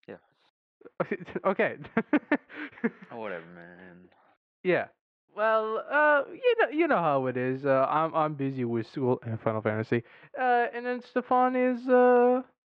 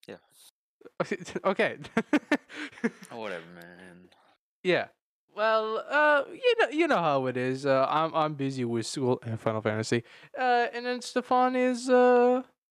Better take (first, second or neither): second